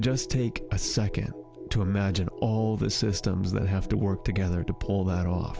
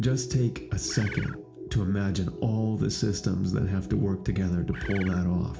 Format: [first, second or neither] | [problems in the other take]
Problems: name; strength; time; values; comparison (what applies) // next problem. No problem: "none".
first | background sound (Bird); 12 dB below the speech // room echo; dies away in 0.4 s